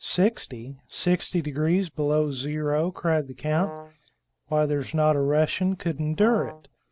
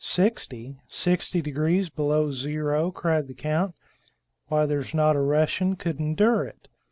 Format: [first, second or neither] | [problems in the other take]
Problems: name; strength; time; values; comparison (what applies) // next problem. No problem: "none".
second | background sound (Brass instrument); 13 dB below the speech